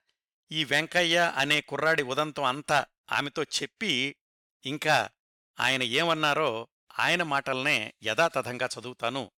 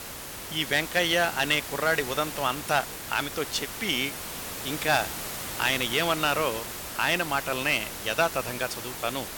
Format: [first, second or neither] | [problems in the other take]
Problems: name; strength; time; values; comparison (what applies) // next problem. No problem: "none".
first | hiss; loud; throughout; 8 dB below the speech